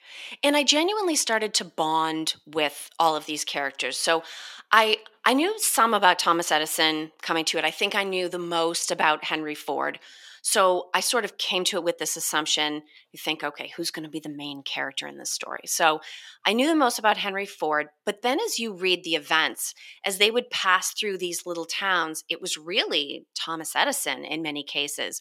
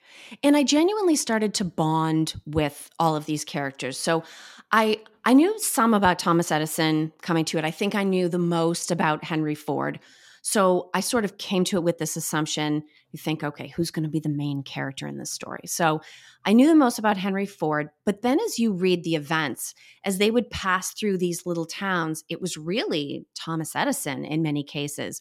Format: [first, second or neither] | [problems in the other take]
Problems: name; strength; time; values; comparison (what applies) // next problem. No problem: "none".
second | thin; somewhat; fading below 500 Hz